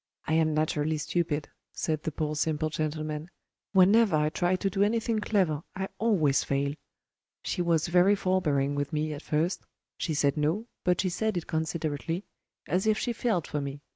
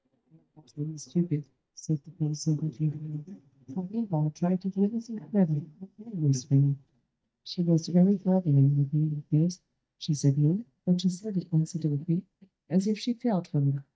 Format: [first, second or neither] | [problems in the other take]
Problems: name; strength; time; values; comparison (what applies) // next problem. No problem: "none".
first | noise reduction (neural mask model DeepFilterNet 3)